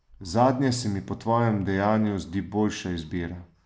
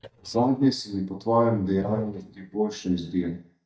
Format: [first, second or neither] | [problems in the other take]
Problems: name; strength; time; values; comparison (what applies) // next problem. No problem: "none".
first | noise reduction (neural mask model DeepFilterNet 3)